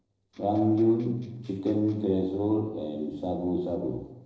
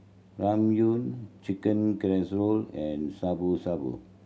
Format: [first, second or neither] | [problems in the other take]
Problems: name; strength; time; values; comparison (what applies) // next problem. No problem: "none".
second | noise reduction (neural separator model SepFormer DNS4)